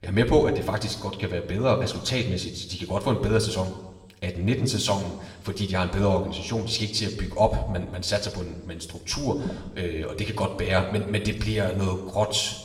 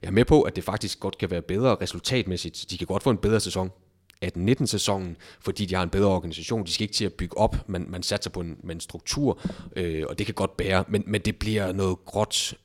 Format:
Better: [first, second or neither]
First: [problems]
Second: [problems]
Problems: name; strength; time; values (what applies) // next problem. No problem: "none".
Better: second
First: room echo; slight; dies away in 0.9 s // off-mic speech; somewhat distant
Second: none